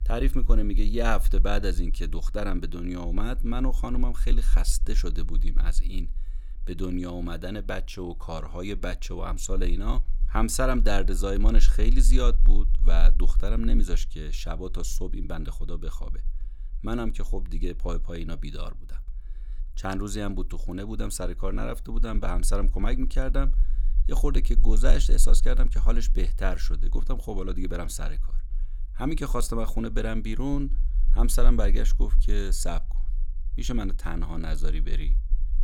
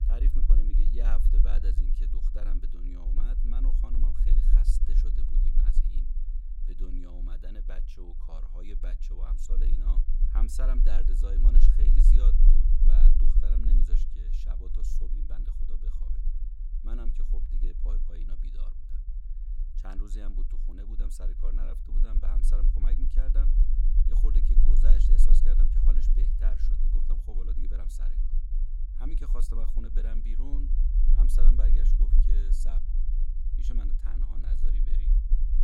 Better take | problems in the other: first | low rumble; loud; throughout; 3 dB below the speech; faint in the first

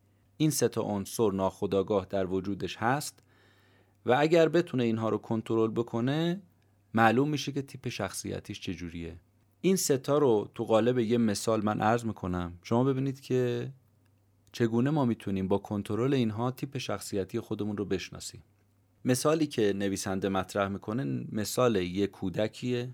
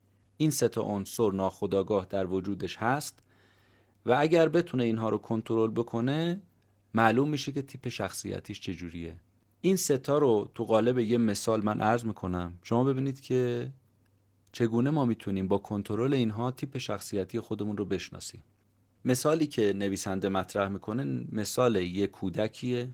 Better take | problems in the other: first | garbled, watery; slightly

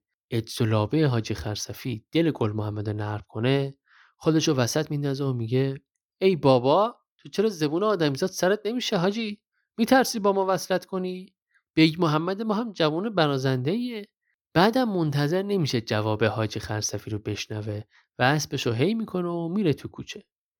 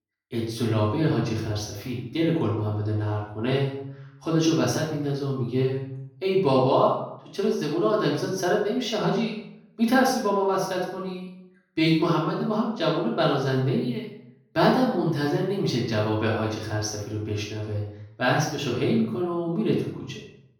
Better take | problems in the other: first | off-mic speech; far // room echo; noticeable; dies away in 0.6 s

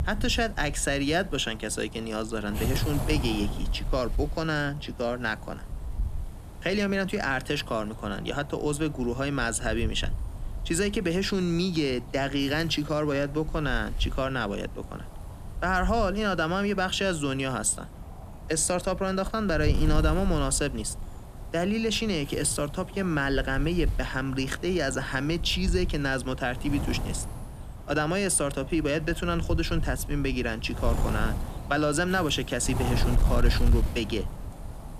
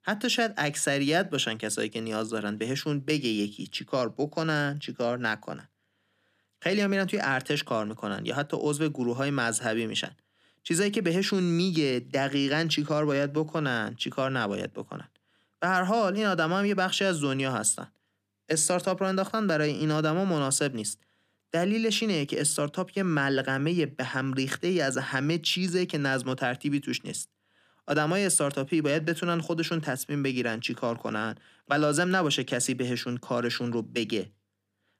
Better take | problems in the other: second | wind noise on the microphone; occasional gusts; 15 dB below the speech

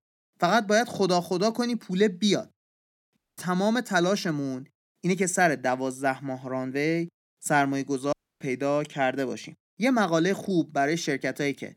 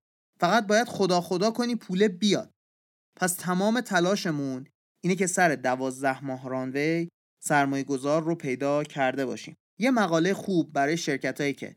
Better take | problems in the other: second | audio cutting out; at 3 s and at 8 s

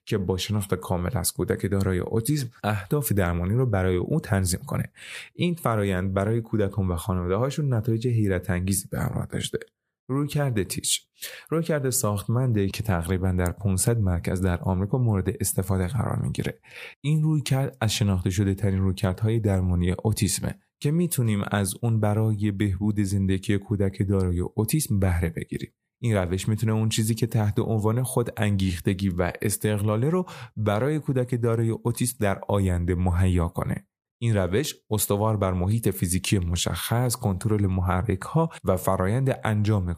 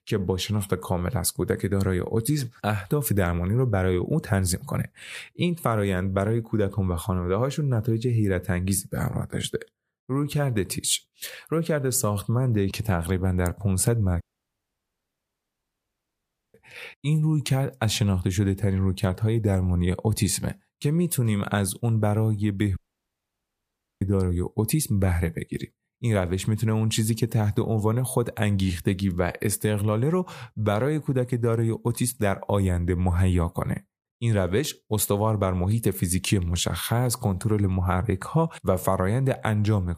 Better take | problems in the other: first | audio cutting out; at 14 s for 2.5 s and at 23 s for 1 s

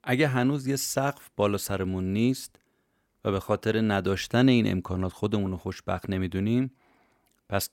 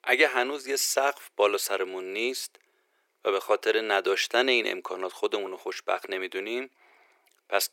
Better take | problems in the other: first | thin; very; fading below 350 Hz

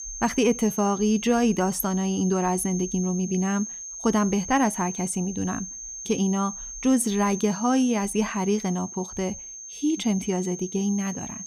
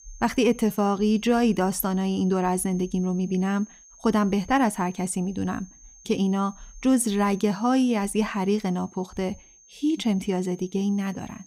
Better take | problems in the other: second | high-pitched whine; loud; throughout; 6.5 kHz, 10 dB below the speech; faint in the second

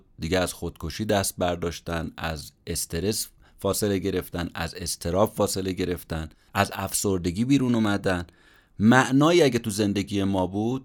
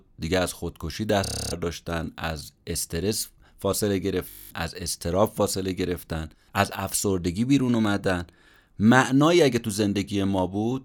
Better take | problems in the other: first | audio freezing; at 1.5 s and at 4.5 s

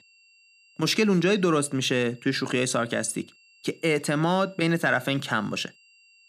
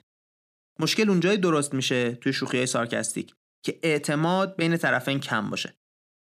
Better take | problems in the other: second | high-pitched whine; faint; throughout; 3 kHz, 30 dB below the speech

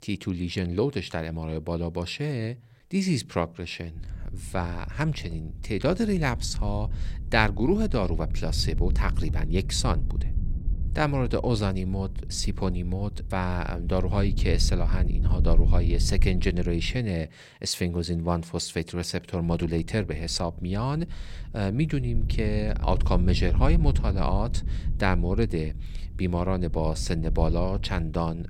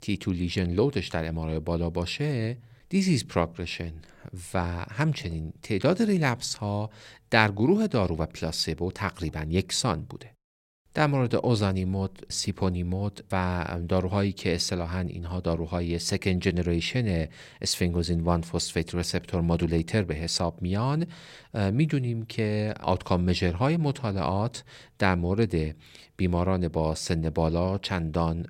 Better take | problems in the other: second | wind noise on the microphone; occasional gusts; from 4 to 17 s and from 19 s on; 15 dB below the speech

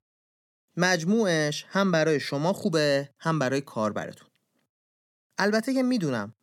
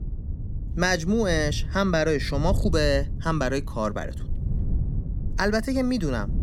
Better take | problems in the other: first | wind noise on the microphone; occasional gusts; 20 dB below the speech

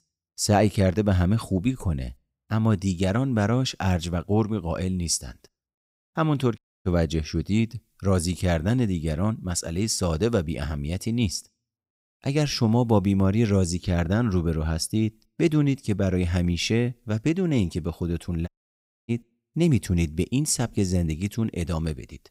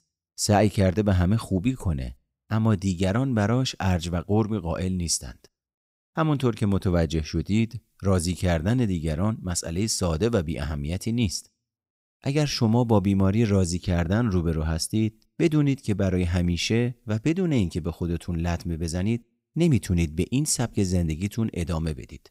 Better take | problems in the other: second | audio cutting out; at 6.5 s and at 18 s for 0.5 s

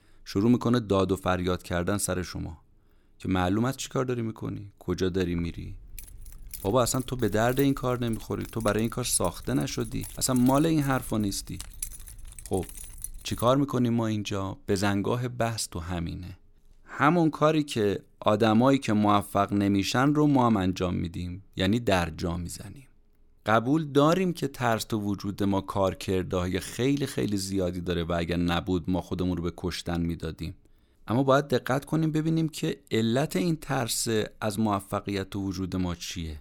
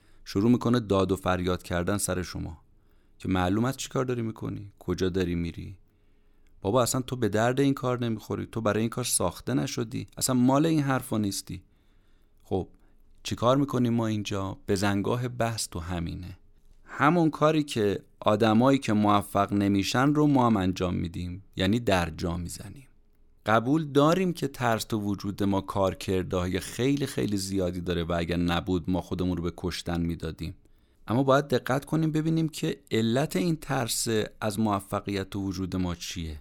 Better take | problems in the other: second | jangling keys; noticeable; from 5.5 to 14 s; peak 9 dB below the speech

